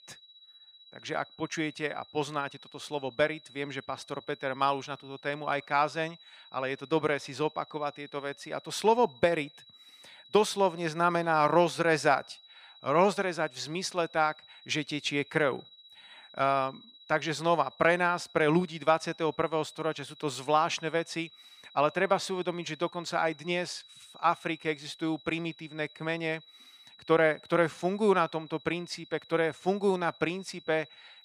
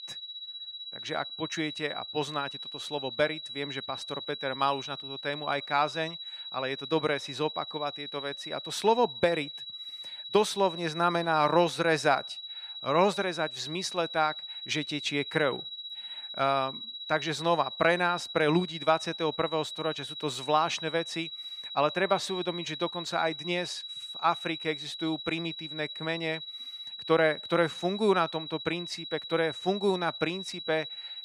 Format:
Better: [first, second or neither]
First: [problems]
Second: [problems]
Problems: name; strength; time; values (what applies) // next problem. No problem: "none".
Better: first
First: high-pitched whine; faint; throughout; 4 kHz, 20 dB below the speech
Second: high-pitched whine; loud; throughout; 4 kHz, 8 dB below the speech